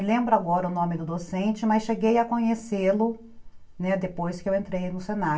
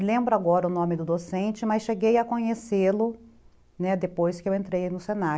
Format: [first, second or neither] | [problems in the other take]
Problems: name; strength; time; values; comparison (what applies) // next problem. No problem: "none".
second | room echo; dies away in 0.2 s